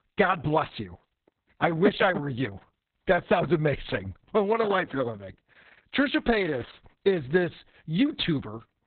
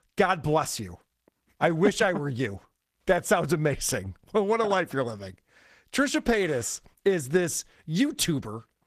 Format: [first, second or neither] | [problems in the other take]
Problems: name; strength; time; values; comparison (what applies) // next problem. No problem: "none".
second | garbled, watery; badly; nothing above 4 kHz; slightly in the second